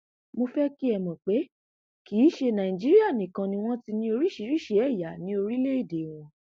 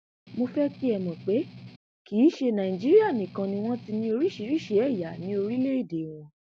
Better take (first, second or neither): first